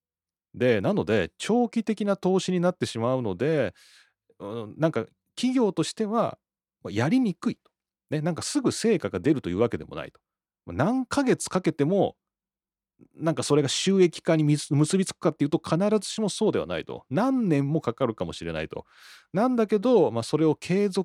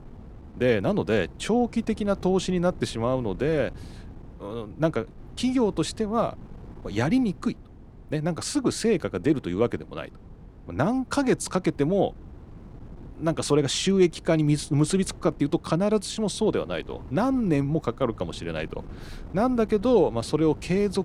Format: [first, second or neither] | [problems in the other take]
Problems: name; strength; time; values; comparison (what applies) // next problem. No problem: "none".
first | wind noise on the microphone; occasional gusts; 25 dB below the speech